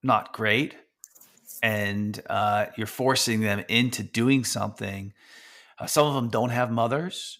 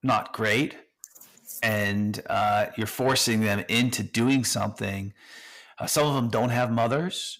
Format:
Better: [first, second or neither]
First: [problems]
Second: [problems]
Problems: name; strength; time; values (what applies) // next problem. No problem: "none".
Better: first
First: none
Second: distortion; slight; 10 dB below the speech